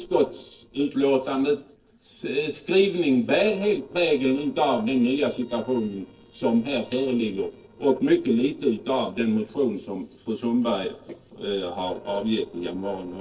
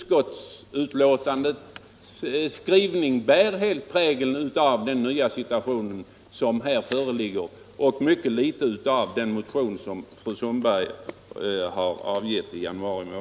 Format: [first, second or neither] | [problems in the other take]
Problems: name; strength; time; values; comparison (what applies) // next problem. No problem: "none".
second | noise reduction (neural separator model SepFormer DNS4)